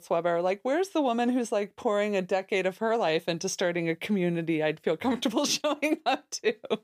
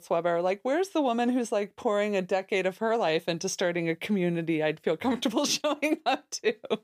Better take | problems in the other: neither | none

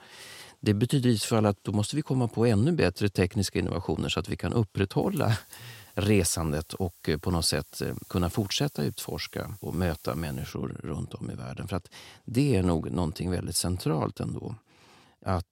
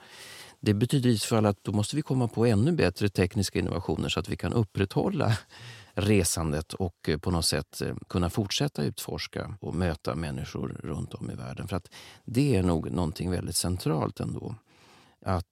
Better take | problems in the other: second | hiss; faint; from 5 to 11 s; 20 dB below the speech

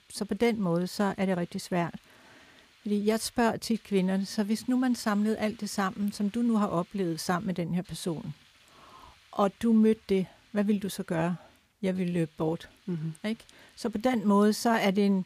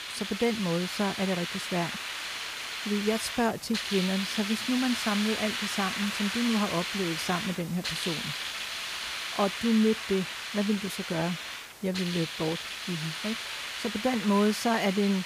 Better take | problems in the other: first | hiss; loud; throughout; 3 dB below the speech; faint in the first

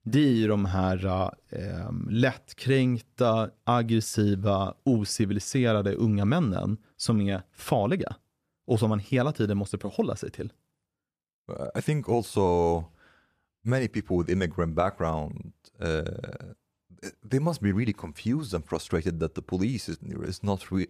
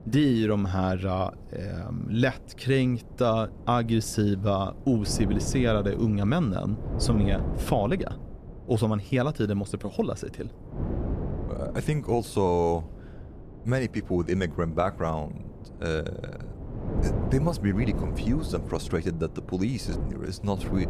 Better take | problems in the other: first | wind noise on the microphone; occasional gusts; 15 dB below the speech

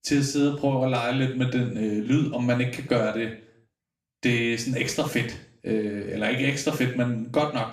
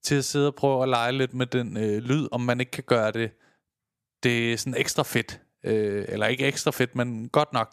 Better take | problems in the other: second | room echo; slight; dies away in 0.4 s // off-mic speech; far

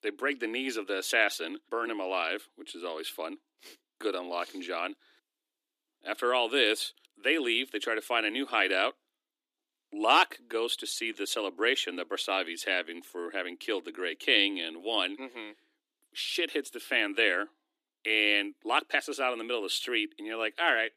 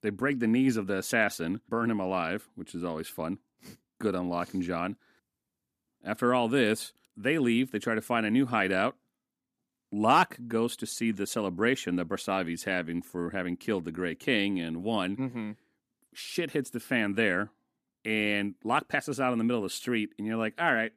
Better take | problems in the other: second | thin; somewhat; fading below 300 Hz

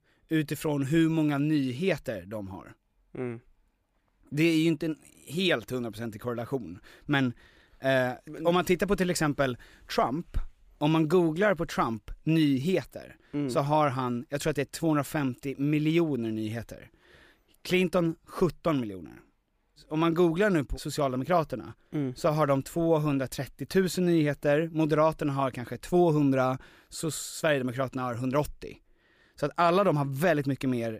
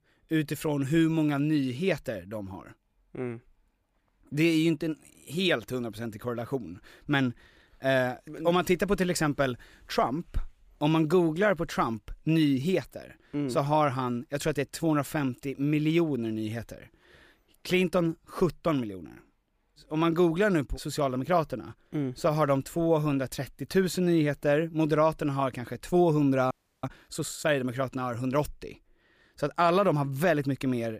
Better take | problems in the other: first | audio freezing; at 27 s

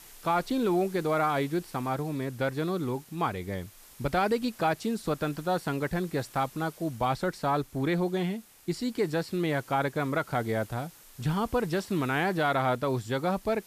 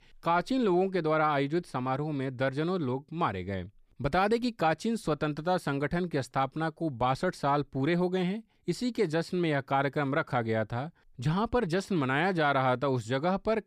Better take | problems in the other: second | hiss; faint; throughout; 20 dB below the speech

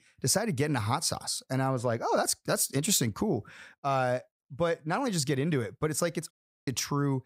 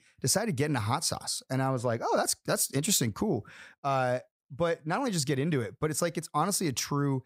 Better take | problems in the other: second | audio cutting out; at 6.5 s

